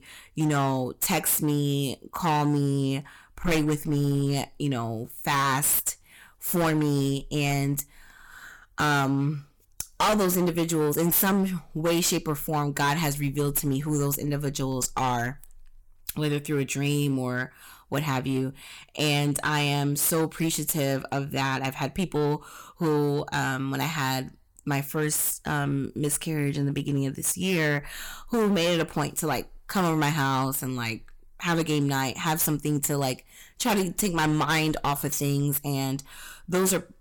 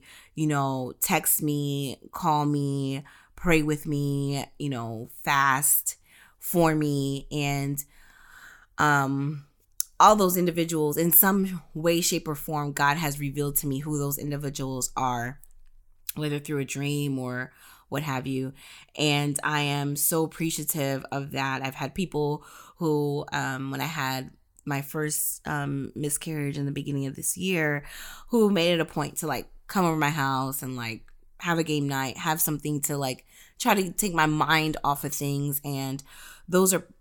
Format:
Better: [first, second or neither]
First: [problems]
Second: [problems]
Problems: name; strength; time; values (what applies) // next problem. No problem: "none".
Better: second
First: distortion; heavy; 11% of the sound clipped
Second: none